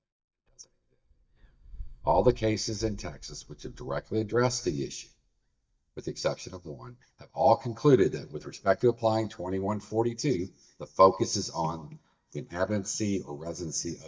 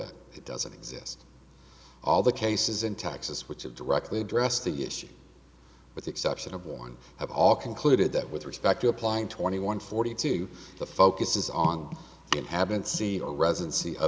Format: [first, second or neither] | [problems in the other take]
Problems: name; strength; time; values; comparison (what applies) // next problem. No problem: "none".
second | noise reduction (neural mask model DeepFilterNet 3)